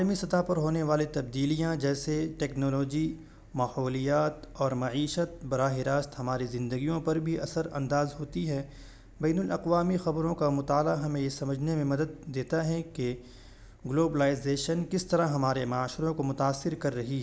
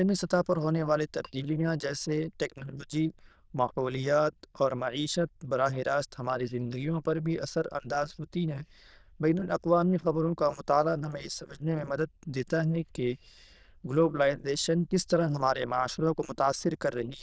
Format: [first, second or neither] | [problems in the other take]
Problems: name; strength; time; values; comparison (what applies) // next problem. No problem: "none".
first | noise reduction (neural diffusion model UNIVERSE++)